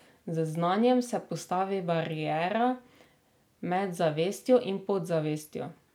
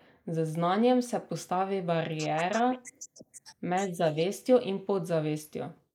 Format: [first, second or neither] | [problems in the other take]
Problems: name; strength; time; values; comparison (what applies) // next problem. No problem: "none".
first | noise reduction (neural mask model Resemble Enhance denoiser)